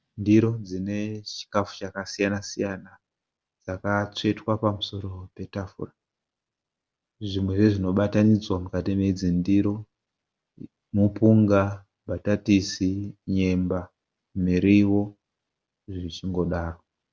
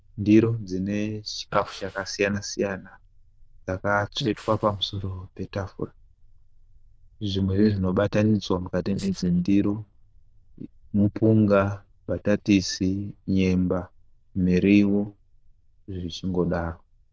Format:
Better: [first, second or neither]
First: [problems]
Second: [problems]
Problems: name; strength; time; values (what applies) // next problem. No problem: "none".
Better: first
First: none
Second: noise reduction (neural diffusion model UNIVERSE++)